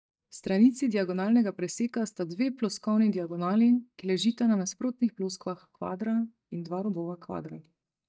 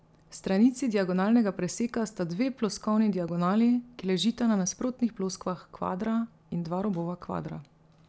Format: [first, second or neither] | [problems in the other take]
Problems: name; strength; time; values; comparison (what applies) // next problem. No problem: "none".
second | noise reduction (neural mask model DeepFilterNet 3)